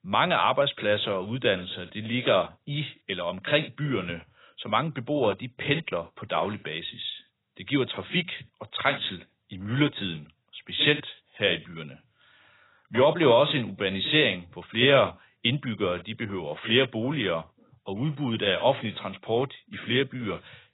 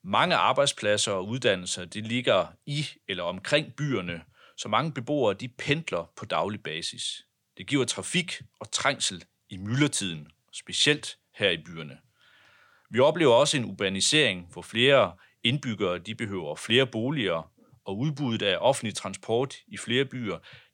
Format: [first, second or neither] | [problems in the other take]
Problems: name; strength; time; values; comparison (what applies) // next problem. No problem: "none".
second | garbled, watery; badly; nothing above 4 kHz